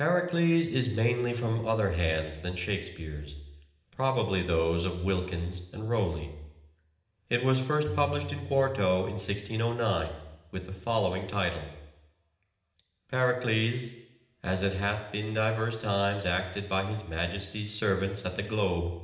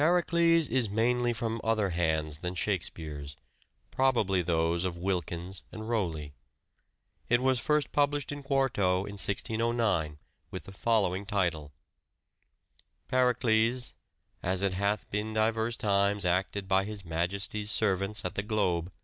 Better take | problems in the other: second | background sound (Tabla); 13 dB below the speech // room echo; dies away in 0.8 s

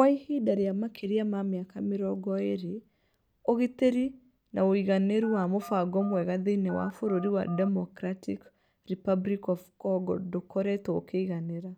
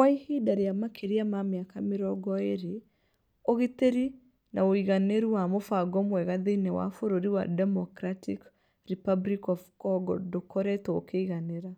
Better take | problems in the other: second | background sound (Telephone); 15 dB below the speech

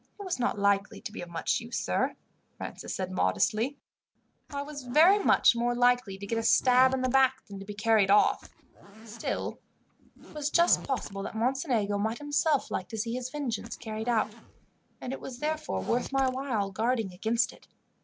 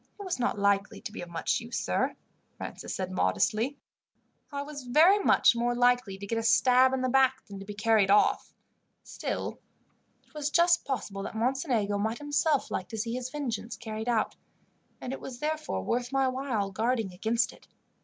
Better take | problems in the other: second | background sound (Zipper (clothing)); 18 dB below the speech

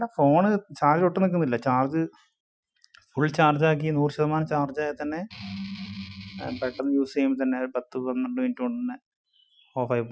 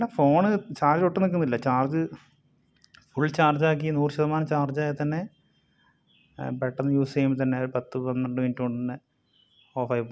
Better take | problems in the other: second | noise reduction (classical method Wiener filter)

